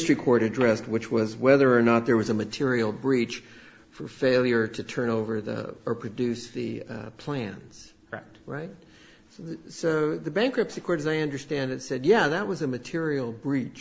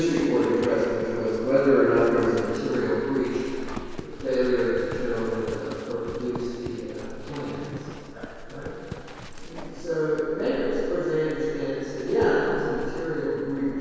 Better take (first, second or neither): first